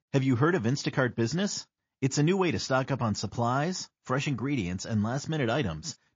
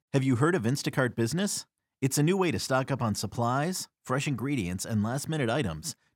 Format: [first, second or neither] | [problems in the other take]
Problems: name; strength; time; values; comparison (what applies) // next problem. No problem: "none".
second | garbled, watery; slightly